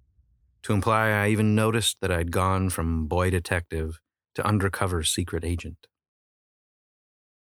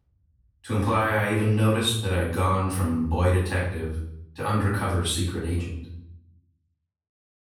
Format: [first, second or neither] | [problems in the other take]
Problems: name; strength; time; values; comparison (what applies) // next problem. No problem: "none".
first | off-mic speech; far // room echo; noticeable; dies away in 0.7 s